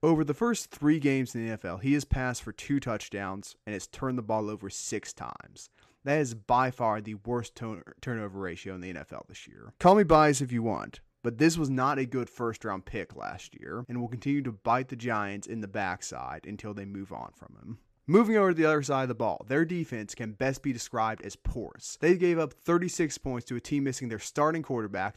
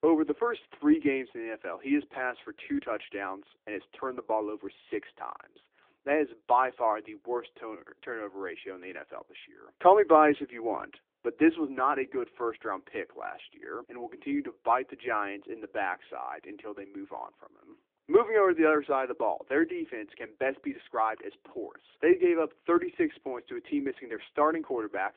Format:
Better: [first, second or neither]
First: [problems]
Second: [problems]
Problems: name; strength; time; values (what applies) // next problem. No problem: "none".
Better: first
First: none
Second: phone-call audio